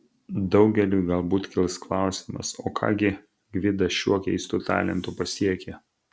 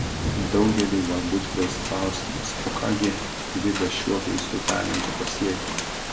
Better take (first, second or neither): first